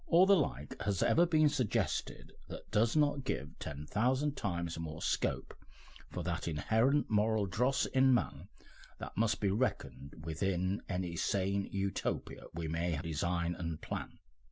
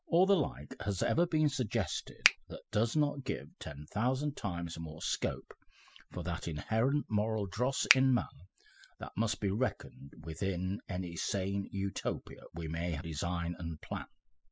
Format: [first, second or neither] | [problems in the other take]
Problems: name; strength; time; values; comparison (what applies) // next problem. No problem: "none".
first | noise reduction (classical method spectral subtraction)